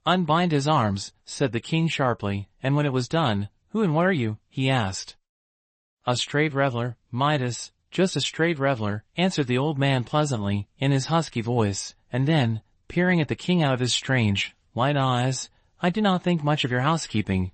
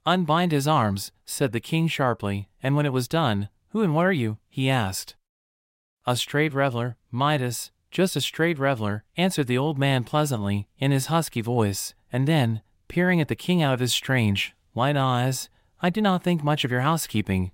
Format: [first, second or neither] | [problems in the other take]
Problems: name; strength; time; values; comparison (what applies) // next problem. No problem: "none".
second | garbled, watery; slightly; nothing above 8 kHz